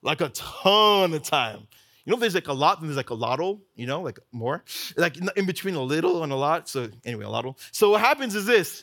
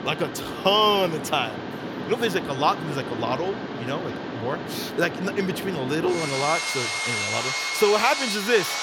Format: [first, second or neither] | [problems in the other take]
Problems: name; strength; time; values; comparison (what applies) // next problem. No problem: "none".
first | machinery noise; loud; throughout; 4 dB below the speech